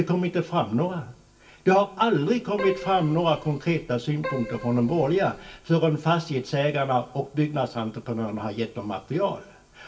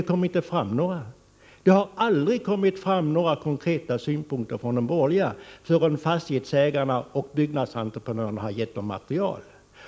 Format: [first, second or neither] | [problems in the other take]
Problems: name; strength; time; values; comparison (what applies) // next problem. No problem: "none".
second | background sound (Keyboard (musical)); 12 dB below the speech // room echo; dies away in 0.2 s